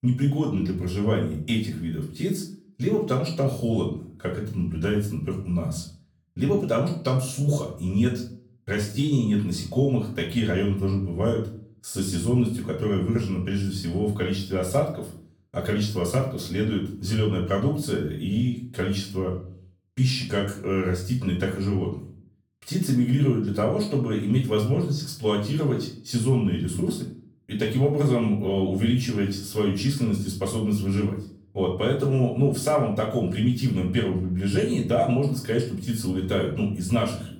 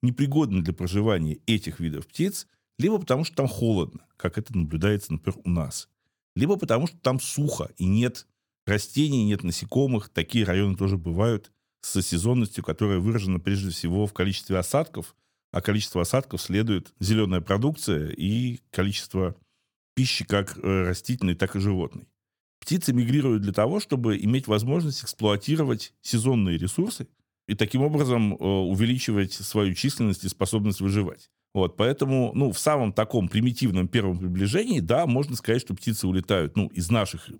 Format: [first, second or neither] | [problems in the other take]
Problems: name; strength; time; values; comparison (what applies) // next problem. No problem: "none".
second | room echo; slight; dies away in 0.4 s // off-mic speech; far